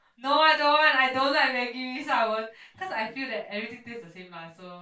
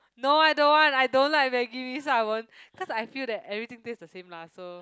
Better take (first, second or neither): second